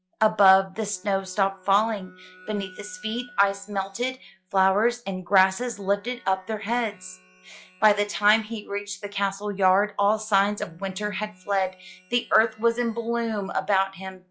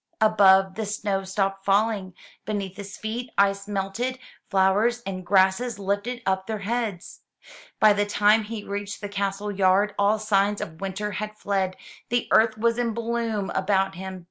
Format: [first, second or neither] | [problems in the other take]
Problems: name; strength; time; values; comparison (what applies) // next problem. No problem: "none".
second | noise reduction (classical method log-MMSE)